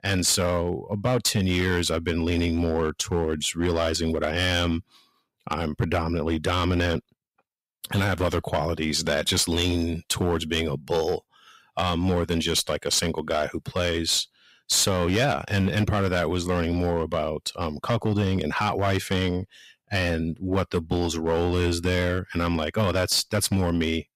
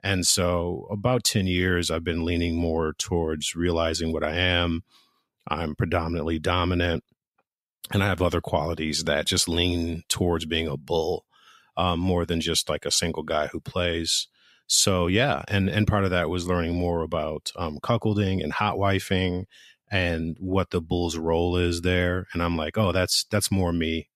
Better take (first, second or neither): second